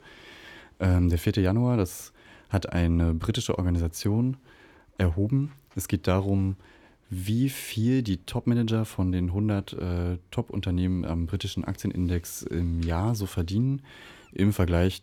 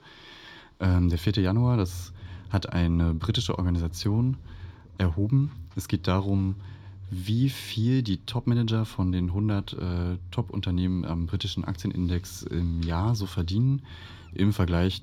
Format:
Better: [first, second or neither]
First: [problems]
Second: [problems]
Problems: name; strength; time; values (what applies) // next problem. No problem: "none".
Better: first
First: none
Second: room echo; slight; dies away in 3 s